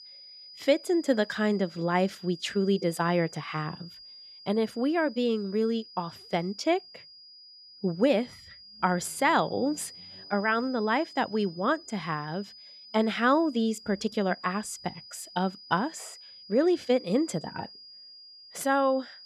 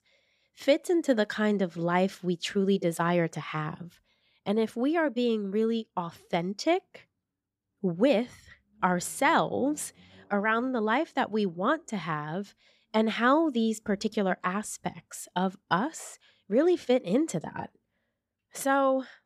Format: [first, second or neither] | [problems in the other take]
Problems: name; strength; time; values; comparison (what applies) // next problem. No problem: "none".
second | high-pitched whine; noticeable; throughout; 5 kHz, 20 dB below the speech